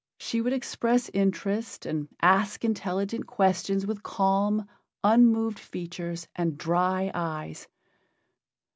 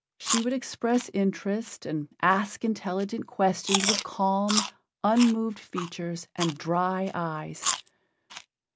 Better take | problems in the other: first | background sound (Chewing, mastication); 7 dB below the speech

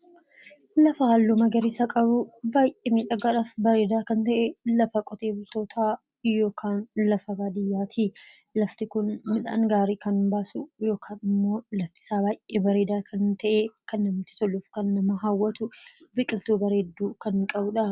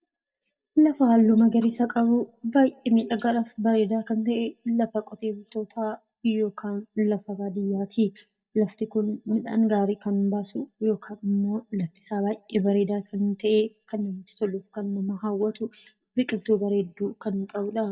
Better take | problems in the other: first | noise reduction (neural mask model DeepFilterNet 3)

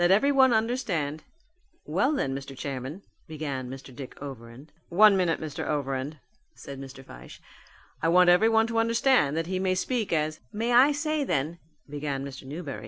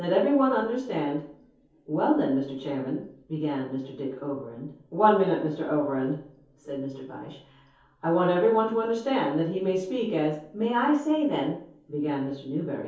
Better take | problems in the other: first | room echo; dies away in 0.6 s

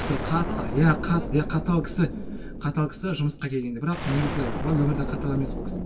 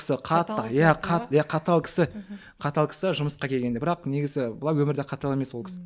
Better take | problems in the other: second | background sound (Explosion); 5 dB below the speech // room echo; dies away in 0.1 s

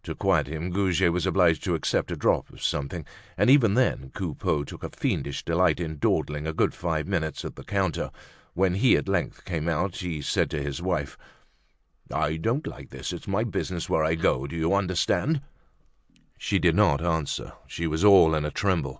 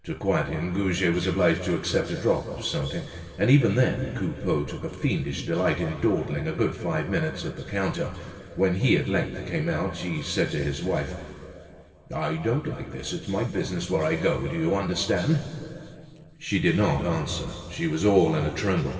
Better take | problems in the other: first | room echo; dies away in 2.5 s

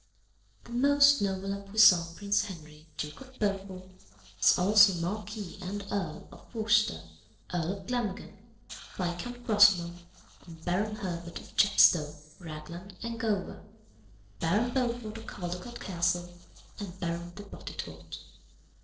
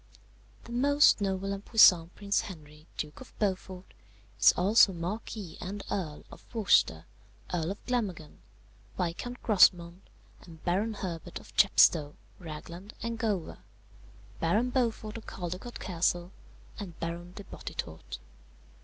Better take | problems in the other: second | noise reduction (neural separator model SepFormer DNS4)

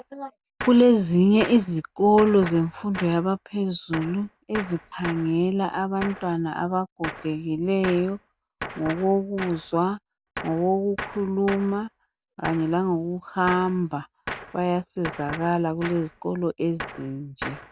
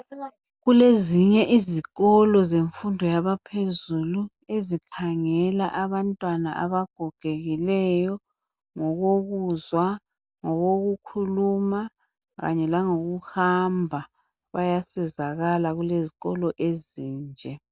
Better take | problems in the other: second | background sound (Gunshot, gunfire); 14 dB below the speech

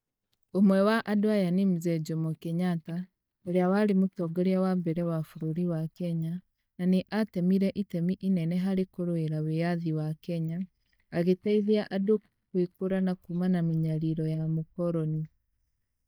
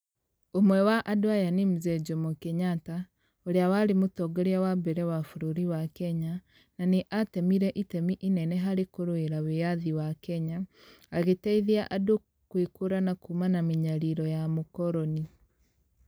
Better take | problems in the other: second | noise reduction (neural mask model DeepFilterNet 3)

